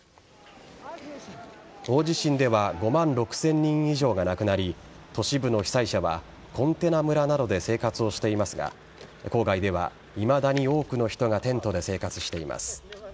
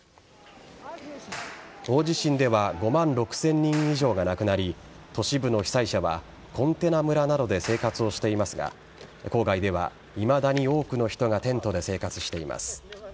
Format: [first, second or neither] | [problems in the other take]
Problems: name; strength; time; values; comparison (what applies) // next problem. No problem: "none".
first | background sound (Clapping); 19 dB below the speech